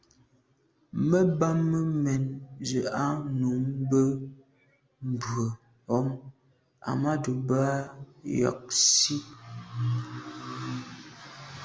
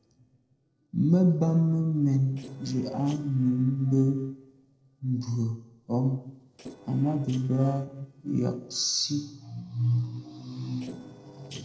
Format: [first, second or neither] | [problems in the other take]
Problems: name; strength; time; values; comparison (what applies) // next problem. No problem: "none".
first | noise reduction (neural separator model SepFormer DNS4)